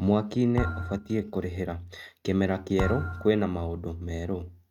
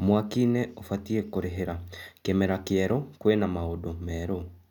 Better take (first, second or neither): second